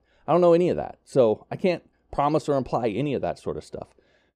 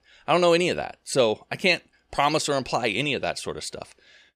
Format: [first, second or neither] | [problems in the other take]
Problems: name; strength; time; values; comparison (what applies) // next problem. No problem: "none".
second | muffled; very; fading above 1 kHz